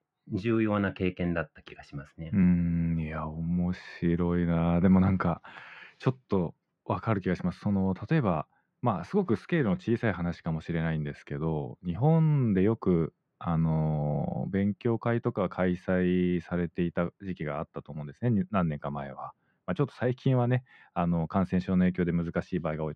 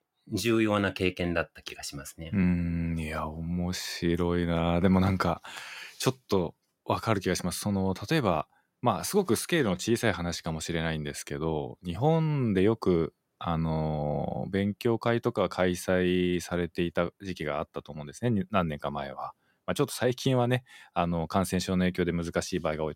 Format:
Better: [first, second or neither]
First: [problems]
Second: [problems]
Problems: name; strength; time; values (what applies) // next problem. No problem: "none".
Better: second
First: muffled; very; fading above 2 kHz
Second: none